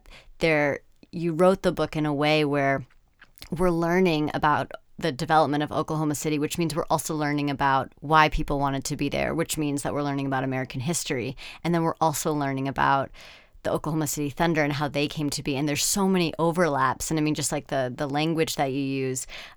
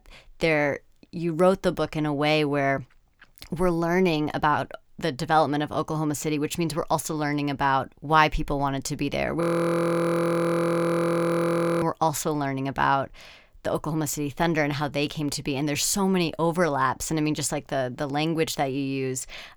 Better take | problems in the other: first | audio freezing; at 9.5 s for 2.5 s

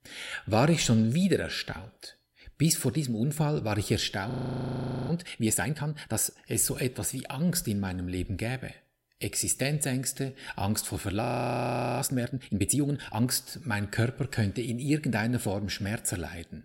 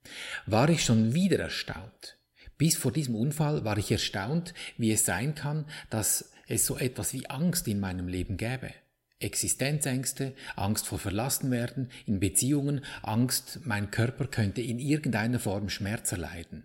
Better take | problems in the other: second | audio freezing; at 4.5 s for 1 s and at 11 s for 1 s

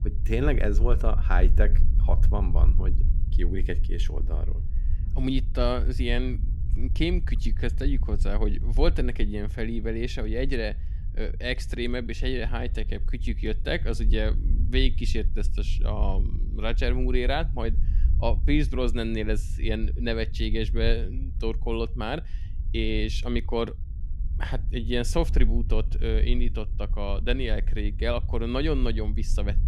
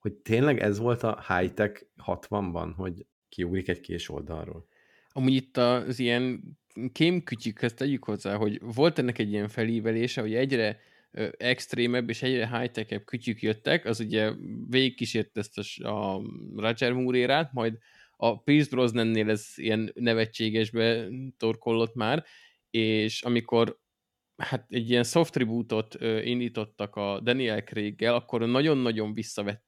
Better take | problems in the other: second | low rumble; noticeable; throughout; 15 dB below the speech

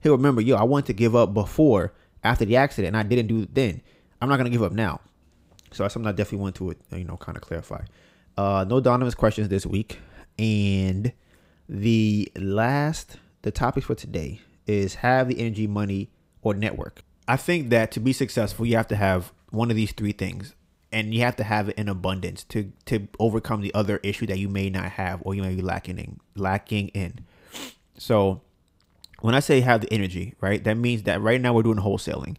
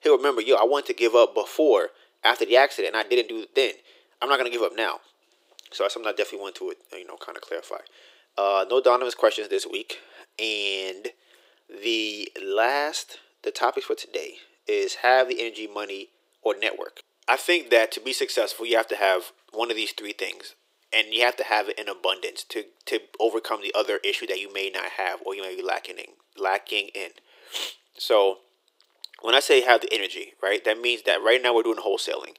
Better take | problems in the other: first | thin; very; fading below 350 Hz

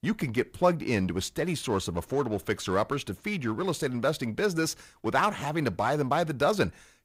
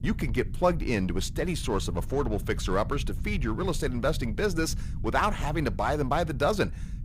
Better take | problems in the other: first | low rumble; faint; throughout; 20 dB below the speech

